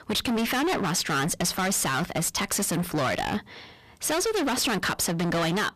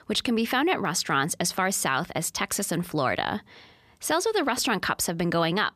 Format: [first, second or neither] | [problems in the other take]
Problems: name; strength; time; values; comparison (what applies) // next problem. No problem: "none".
second | distortion; heavy; 28% of the sound clipped